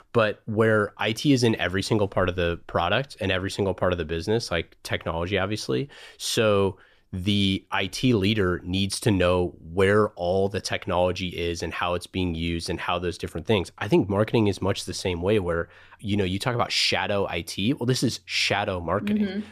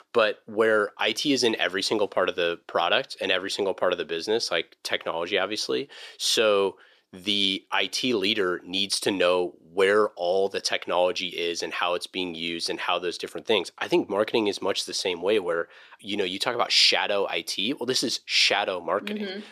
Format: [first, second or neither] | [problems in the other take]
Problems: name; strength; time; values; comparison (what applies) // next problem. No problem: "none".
first | thin; somewhat; fading below 400 Hz